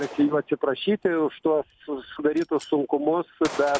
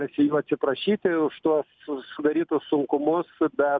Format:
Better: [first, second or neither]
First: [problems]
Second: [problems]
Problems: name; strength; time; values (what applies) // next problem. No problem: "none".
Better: second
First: background sound (Gunshot, gunfire); 18 dB below the speech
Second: none